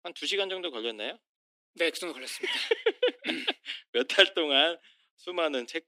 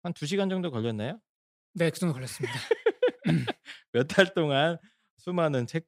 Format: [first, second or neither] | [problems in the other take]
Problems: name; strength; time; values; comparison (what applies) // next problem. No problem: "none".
second | thin; somewhat; fading below 250 Hz